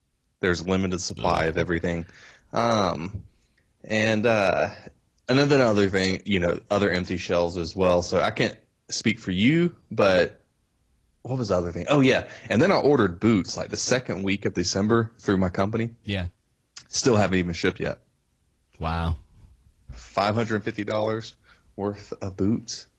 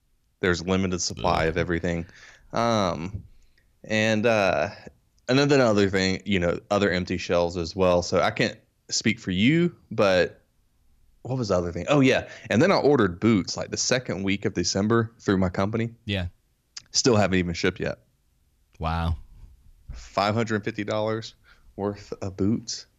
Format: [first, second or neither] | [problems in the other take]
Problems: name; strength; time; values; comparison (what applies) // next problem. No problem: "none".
second | garbled, watery; slightly; nothing above 11.5 kHz